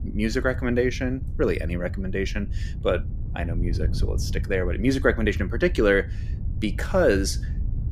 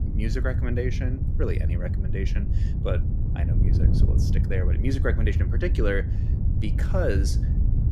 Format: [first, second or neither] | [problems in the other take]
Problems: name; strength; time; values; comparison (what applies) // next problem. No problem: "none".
first | wind noise on the microphone; heavy; 6 dB below the speech; occasional gusts in the first